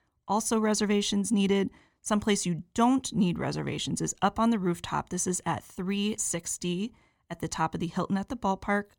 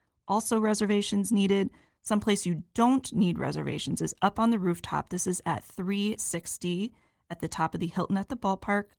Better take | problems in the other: first | garbled, watery; slightly; nothing above 18.5 kHz

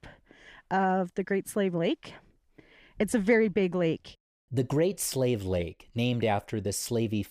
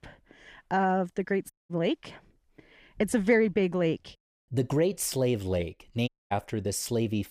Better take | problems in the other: first | audio cutting out; at 1.5 s and at 6 s

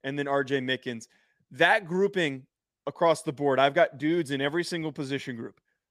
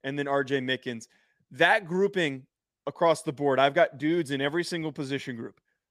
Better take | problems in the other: neither | none

